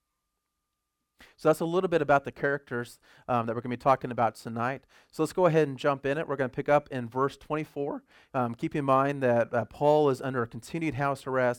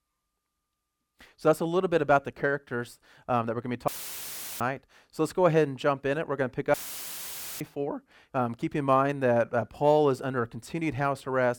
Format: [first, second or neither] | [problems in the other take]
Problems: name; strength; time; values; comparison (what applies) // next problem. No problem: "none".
first | audio cutting out; filled with static; at 4 s for 0.5 s and at 6.5 s for 1 s